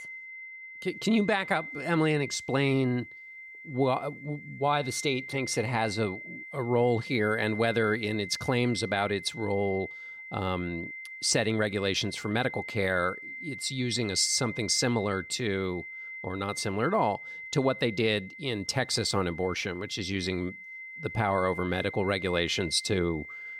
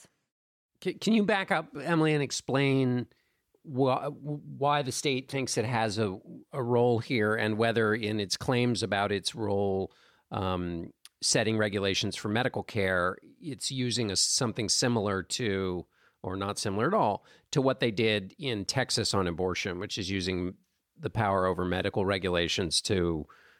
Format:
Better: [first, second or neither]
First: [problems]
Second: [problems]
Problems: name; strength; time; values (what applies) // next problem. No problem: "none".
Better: second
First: high-pitched whine; noticeable; throughout; 2 kHz, 10 dB below the speech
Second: none